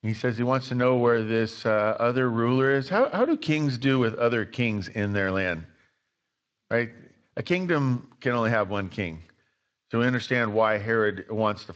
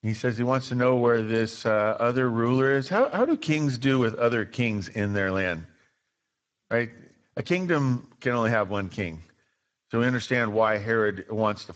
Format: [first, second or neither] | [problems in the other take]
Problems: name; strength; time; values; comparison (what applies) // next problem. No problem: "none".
first | garbled, watery; badly; nothing above 7.5 kHz; slightly in the first